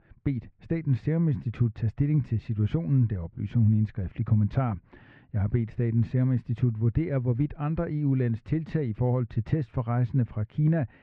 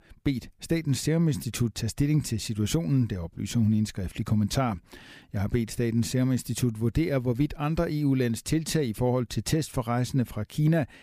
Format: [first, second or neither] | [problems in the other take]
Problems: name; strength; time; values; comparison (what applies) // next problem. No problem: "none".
second | muffled; very; fading above 2 kHz